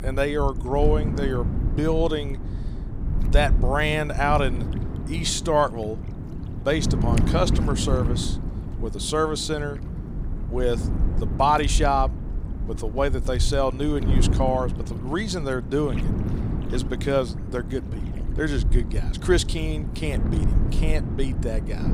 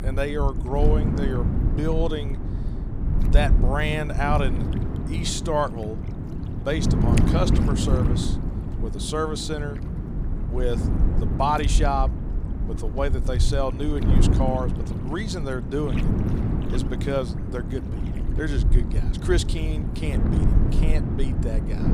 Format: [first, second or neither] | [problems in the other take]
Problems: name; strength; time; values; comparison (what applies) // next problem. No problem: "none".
first | wind noise on the microphone; heavy; 6 dB below the speech; occasional gusts in the first